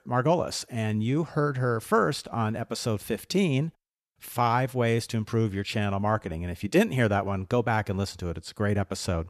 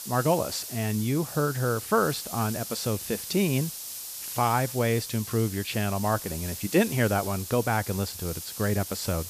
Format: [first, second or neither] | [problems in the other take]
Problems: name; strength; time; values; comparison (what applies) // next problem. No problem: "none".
first | hiss; loud; throughout; 8 dB below the speech